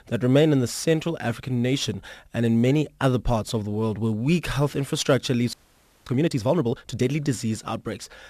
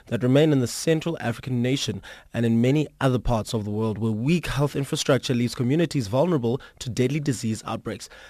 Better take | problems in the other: second | audio freezing; at 5.5 s for 0.5 s

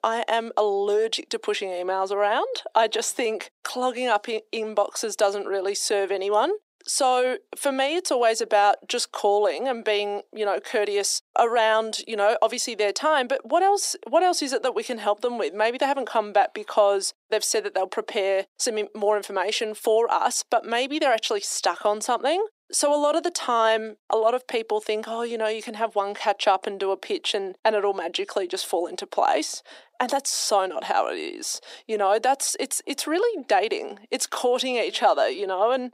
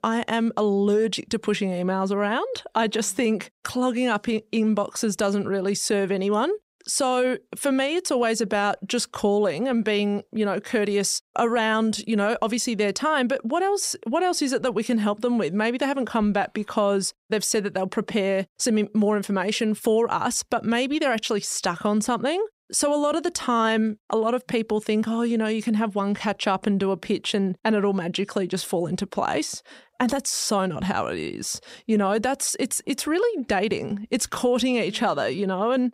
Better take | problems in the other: second | thin; very; fading below 300 Hz

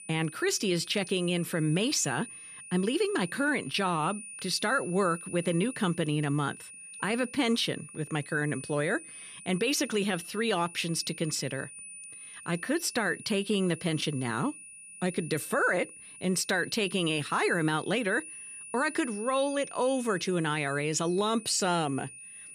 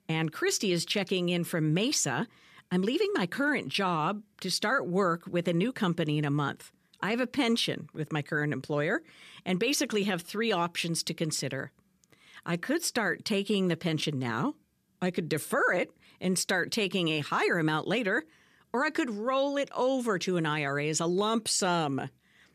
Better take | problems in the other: second | high-pitched whine; noticeable; throughout; 9.5 kHz, 15 dB below the speech

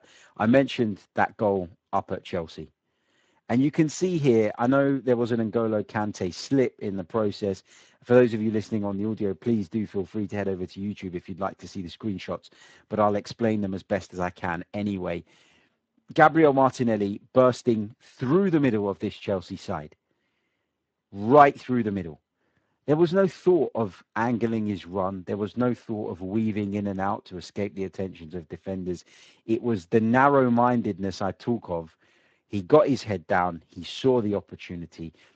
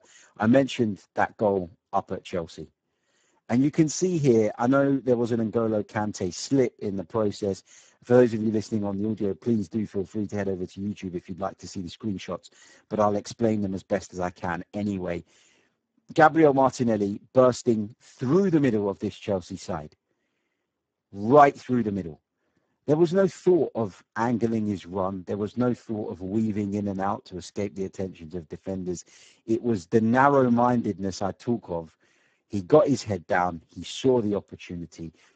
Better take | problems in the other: first | garbled, watery; badly; nothing above 7.5 kHz; slightly in the first

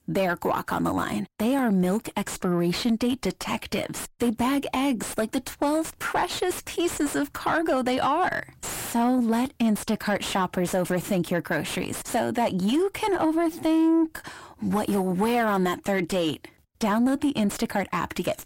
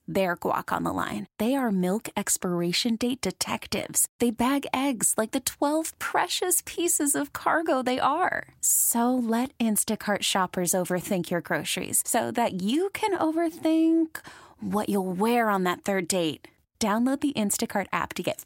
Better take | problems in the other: second | distortion; heavy; 7 dB below the speech

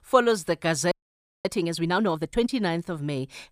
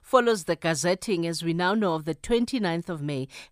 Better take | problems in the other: second | audio freezing; at 1 s for 0.5 s

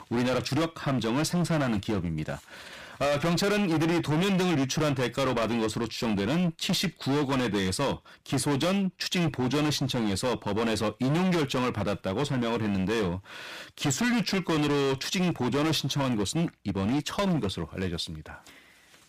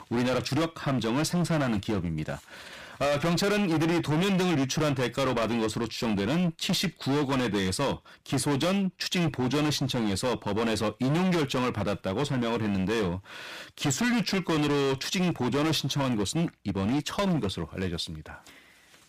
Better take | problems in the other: neither | distortion; heavy; 23% of the sound clipped; the same in both

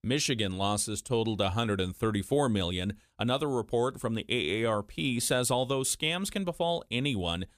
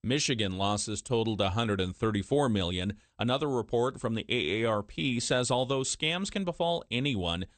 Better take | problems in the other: first | garbled, watery; slightly; nothing above 8.5 kHz

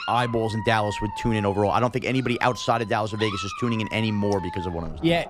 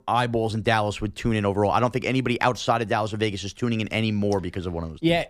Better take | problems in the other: second | animal sounds; noticeable; throughout; 10 dB below the speech

